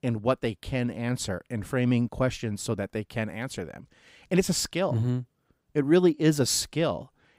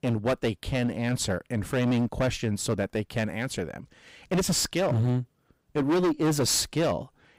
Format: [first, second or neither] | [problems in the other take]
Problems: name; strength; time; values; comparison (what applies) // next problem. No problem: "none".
first | distortion; heavy; 14% of the sound clipped